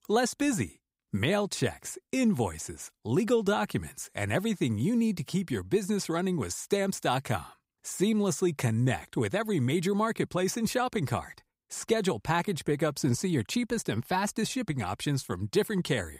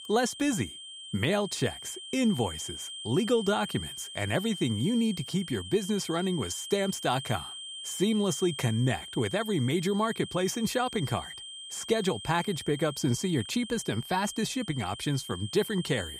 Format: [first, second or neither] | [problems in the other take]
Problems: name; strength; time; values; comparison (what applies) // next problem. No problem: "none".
first | high-pitched whine; loud; throughout; 3 kHz, 10 dB below the speech